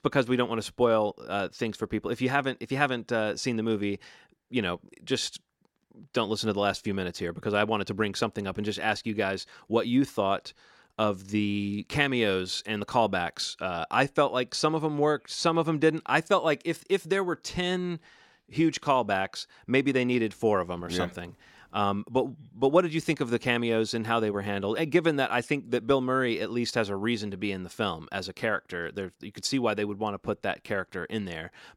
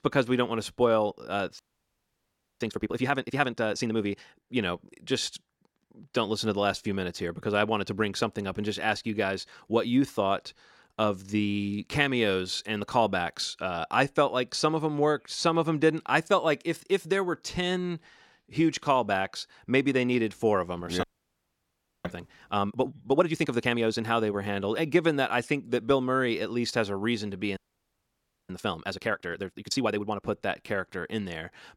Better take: first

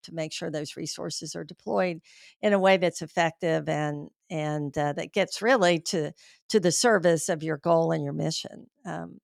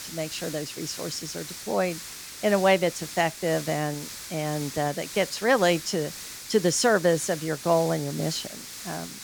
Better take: first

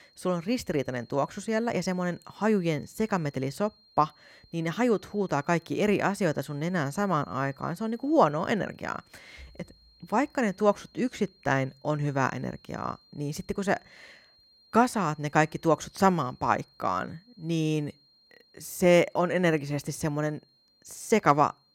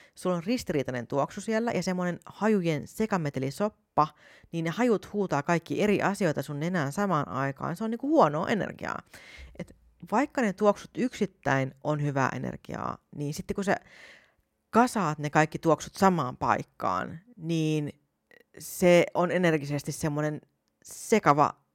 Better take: second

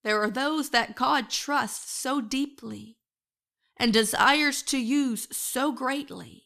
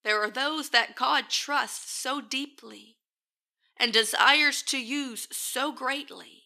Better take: first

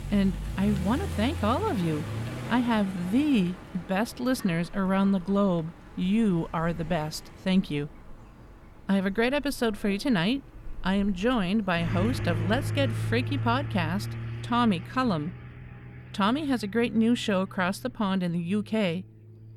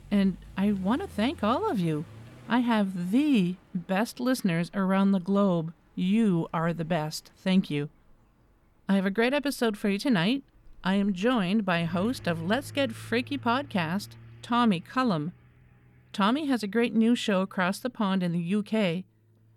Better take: second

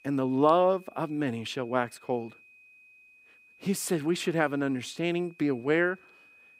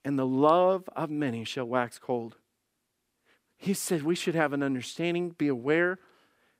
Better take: second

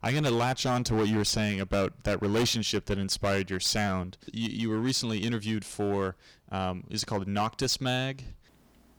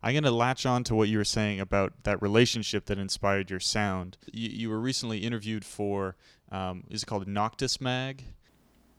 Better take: second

